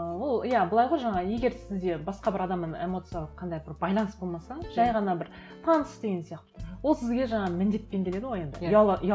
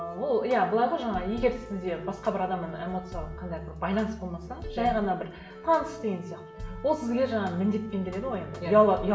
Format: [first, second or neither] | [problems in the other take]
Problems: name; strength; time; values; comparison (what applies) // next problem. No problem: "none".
first | background sound (Wind instrument, woodwind instrument); 20 dB below the speech // room echo; dies away in 0.7 s